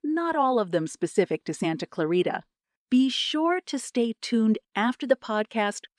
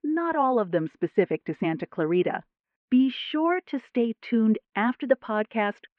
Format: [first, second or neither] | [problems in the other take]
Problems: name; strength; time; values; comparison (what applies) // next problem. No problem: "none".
first | muffled; very; fading above 2.5 kHz